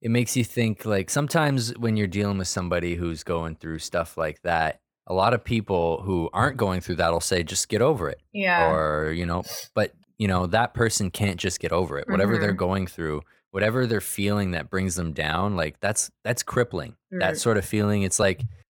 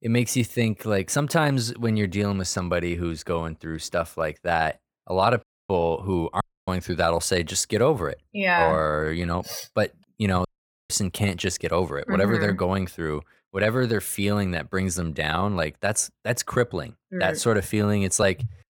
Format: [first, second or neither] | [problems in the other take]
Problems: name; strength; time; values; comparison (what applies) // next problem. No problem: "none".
first | audio cutting out; at 5.5 s, at 6.5 s and at 10 s